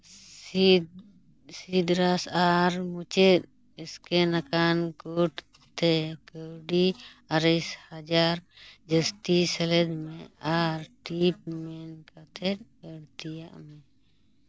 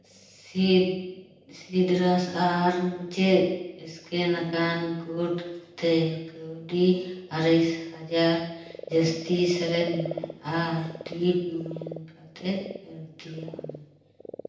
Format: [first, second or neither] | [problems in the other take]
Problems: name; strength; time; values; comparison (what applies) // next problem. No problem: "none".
first | background sound (Frog); 18 dB below the speech // room echo; dies away in 0.9 s